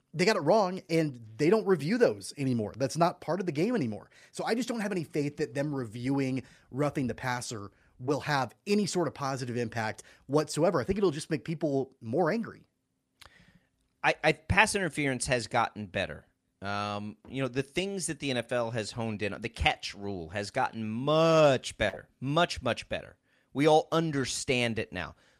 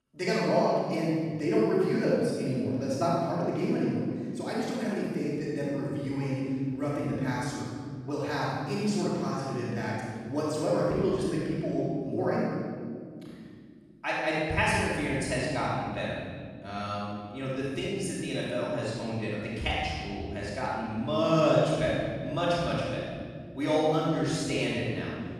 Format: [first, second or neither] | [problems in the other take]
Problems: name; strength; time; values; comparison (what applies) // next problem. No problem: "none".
first | room echo; strong; dies away in 2.4 s // off-mic speech; far